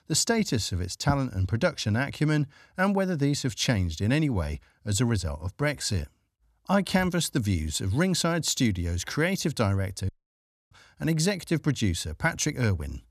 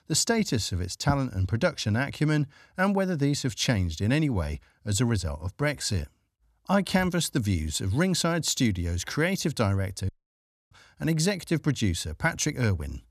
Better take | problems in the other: neither | audio cutting out; at 10 s for 0.5 s; the same in both

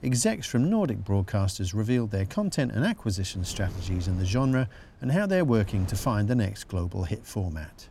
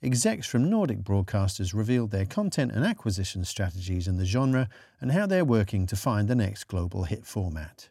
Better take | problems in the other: second | wind noise on the microphone; occasional gusts; 20 dB below the speech

